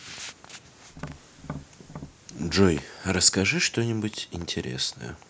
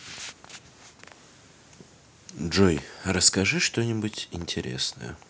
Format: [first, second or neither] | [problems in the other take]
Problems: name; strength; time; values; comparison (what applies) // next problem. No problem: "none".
second | background sound (Tap); 14 dB below the speech